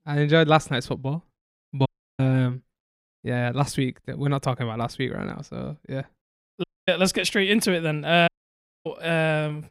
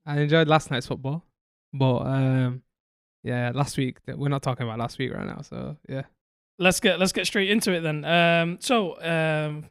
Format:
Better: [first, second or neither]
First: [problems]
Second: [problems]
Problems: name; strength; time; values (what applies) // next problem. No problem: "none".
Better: second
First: audio cutting out; at 2 s, at 6.5 s and at 8.5 s for 0.5 s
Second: none